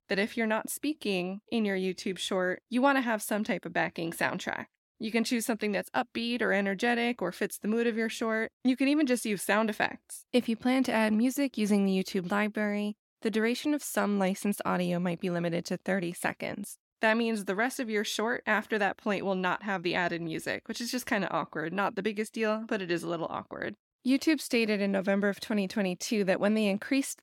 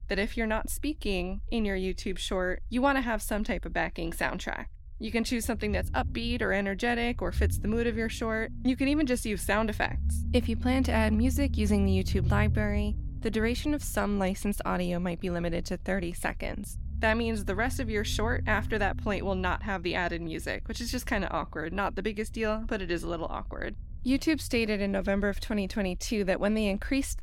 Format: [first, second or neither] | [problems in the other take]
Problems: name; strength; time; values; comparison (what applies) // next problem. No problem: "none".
first | low rumble; faint; throughout; 20 dB below the speech